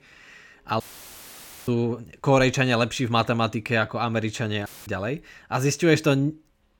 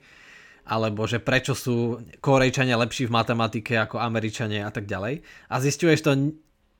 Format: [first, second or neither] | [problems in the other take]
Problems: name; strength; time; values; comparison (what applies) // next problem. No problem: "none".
second | audio cutting out; filled with static; at 1 s for 1 s and at 4.5 s